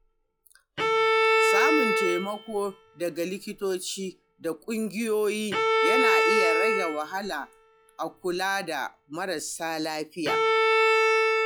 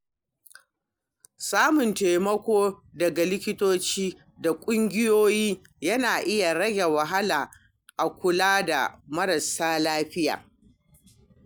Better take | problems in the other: second | noise reduction (classical method log-MMSE)

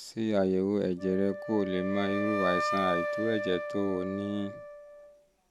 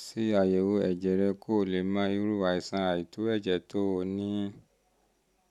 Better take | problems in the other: second | background sound (Wind instrument, woodwind instrument); 5 dB below the speech

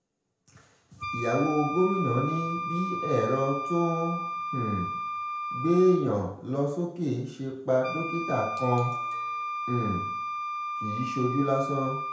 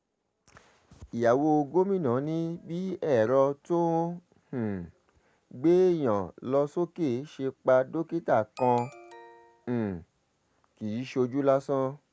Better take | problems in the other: second | background sound (Wind instrument, woodwind instrument); 5 dB below the speech // room echo; dies away in 0.5 s

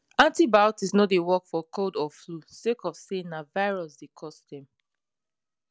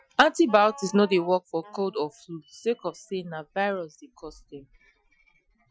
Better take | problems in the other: first | noise reduction (classical method Wiener filter)

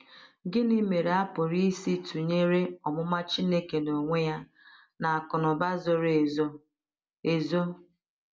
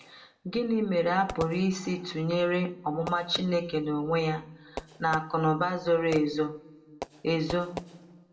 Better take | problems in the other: first | background sound (Fireworks); 16 dB below the speech // room echo; dies away in 0.5 s

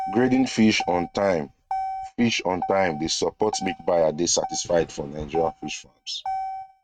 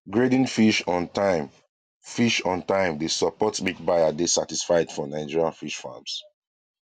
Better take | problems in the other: second | noise reduction (neural mask model RNNoise)

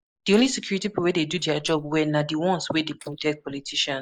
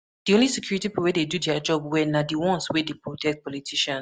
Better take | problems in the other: second | noise reduction (neural mask model Resemble Enhance denoiser)

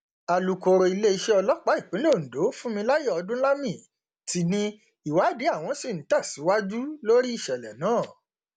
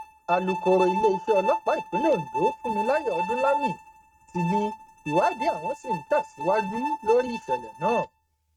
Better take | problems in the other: first | noise reduction (neural mask model RNNoise)

